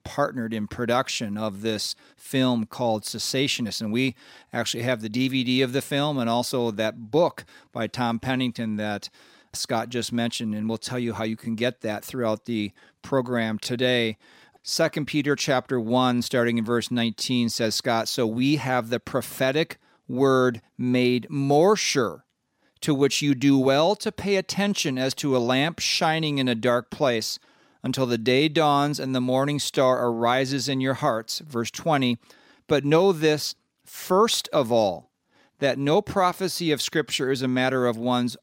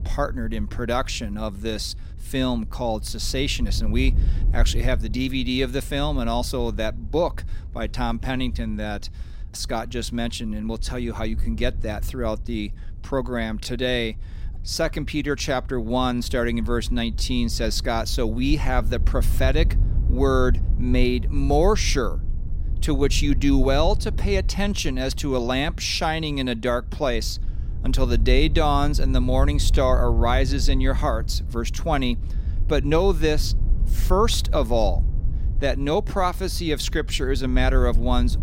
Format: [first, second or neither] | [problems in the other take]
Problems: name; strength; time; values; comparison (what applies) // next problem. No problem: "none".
first | wind noise on the microphone; occasional gusts; 20 dB below the speech